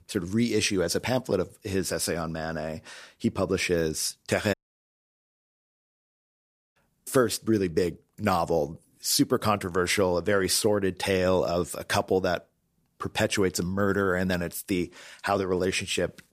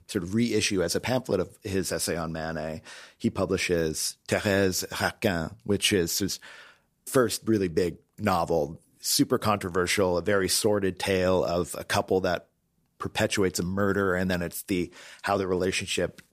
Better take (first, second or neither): second